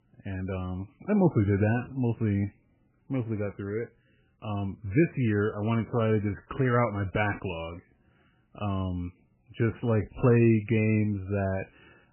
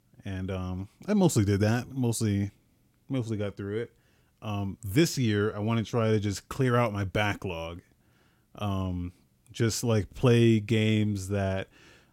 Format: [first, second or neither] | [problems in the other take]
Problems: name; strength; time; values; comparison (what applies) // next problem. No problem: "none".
second | garbled, watery; badly; nothing above 3 kHz